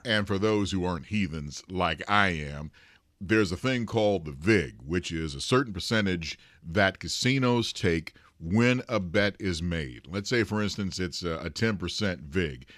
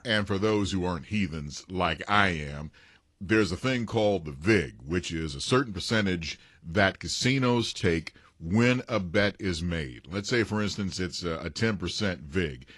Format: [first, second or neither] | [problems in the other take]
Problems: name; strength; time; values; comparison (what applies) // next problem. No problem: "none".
first | garbled, watery; slightly